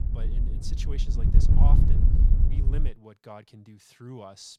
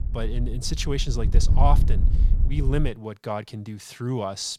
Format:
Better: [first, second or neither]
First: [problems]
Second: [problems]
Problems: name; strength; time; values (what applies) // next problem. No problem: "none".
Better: second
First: wind noise on the microphone; heavy; until 3 s; 2 dB above the speech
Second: wind noise on the microphone; occasional gusts; until 3 s; 10 dB below the speech